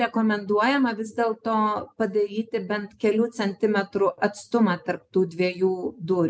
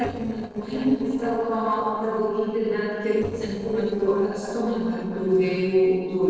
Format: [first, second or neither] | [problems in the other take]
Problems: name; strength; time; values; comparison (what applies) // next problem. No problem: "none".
first | noise reduction (neural separator model SepFormer DNS4)